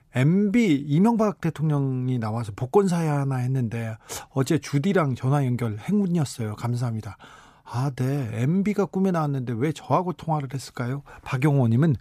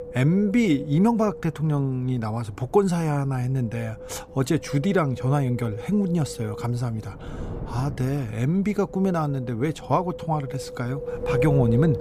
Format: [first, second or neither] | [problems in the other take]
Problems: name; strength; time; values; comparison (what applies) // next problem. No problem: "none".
first | wind noise on the microphone; heavy; 6 dB below the speech